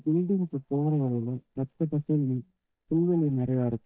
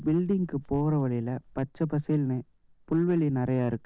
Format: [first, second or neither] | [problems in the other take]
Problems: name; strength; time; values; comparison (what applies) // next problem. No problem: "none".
second | noise reduction (neural mask model DeepFilterNet 3)